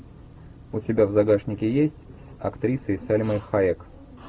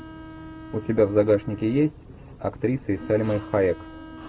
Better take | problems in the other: first | background sound (Bowed string instrument); 18 dB below the speech

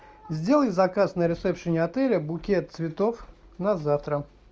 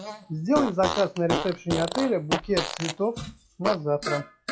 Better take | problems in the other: first | noise reduction (classical method log-MMSE)

